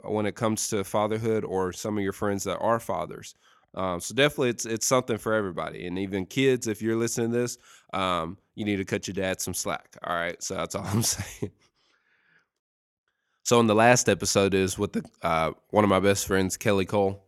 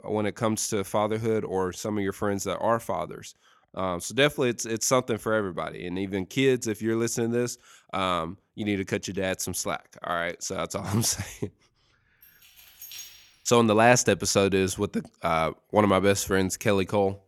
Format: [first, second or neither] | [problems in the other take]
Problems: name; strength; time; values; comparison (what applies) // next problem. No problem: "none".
first | jangling keys; faint; from 12 to 13 s; peak 15 dB below the speech